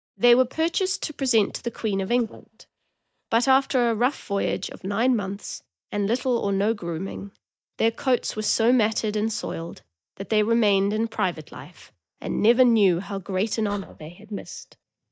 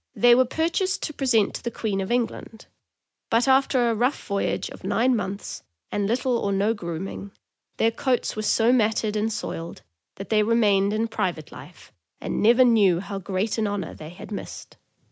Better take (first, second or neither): second